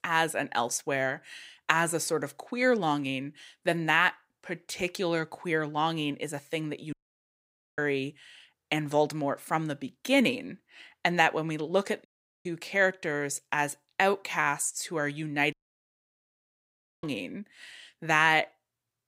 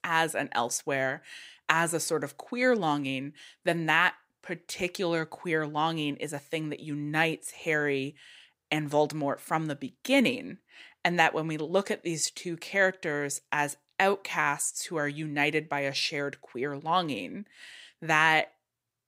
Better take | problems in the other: second | audio cutting out; at 7 s for 1 s, at 12 s and at 16 s for 1.5 s

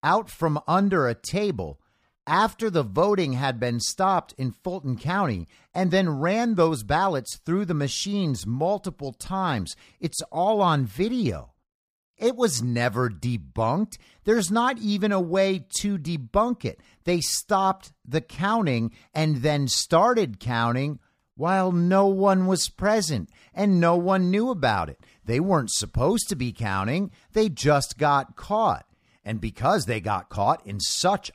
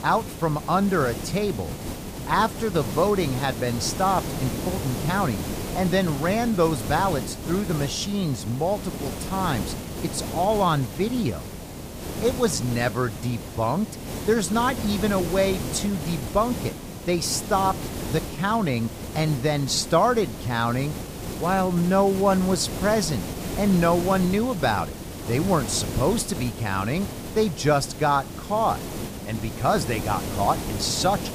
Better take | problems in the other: first | hiss; loud; throughout; 8 dB below the speech

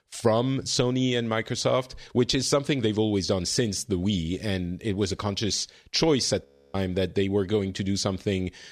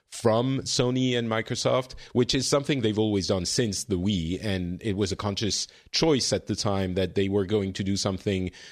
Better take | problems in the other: second | audio freezing; at 6.5 s

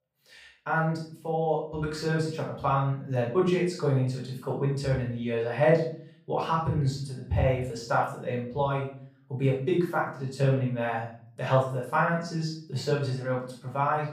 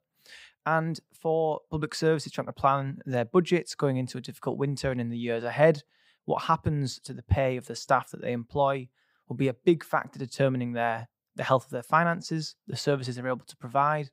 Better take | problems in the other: second | off-mic speech; far // room echo; noticeable; dies away in 0.5 s

